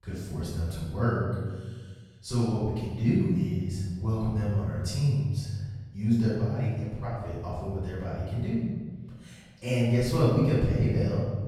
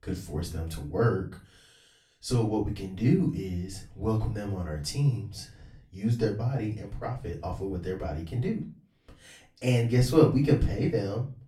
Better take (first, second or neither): second